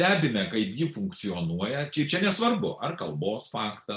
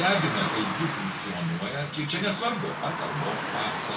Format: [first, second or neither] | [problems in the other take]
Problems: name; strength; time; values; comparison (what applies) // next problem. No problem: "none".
first | background sound (Car passing by / Traffic noise, roadway noise); 3 dB below the speech // room echo; dies away in 1.4 s